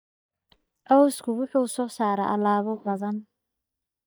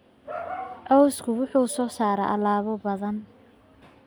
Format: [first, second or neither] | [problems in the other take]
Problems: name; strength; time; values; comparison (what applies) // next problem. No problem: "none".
second | noise reduction (neural mask model DeepFilterNet 3)